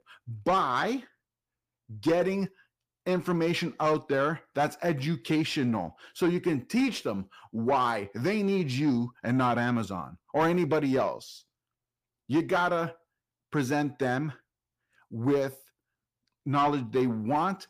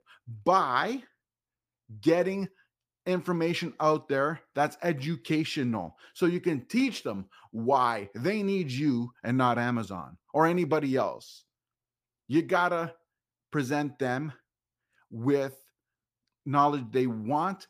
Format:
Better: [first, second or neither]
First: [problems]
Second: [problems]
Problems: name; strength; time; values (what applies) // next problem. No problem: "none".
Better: second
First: distortion; slight; 10 dB below the speech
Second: none